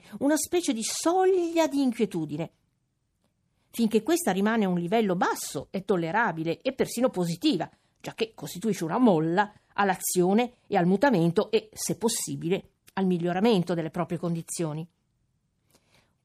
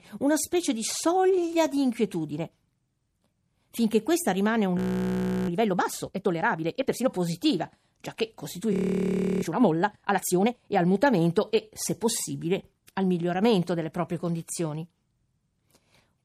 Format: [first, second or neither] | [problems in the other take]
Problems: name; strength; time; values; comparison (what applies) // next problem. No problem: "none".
first | audio freezing; at 5 s for 0.5 s and at 8.5 s for 0.5 s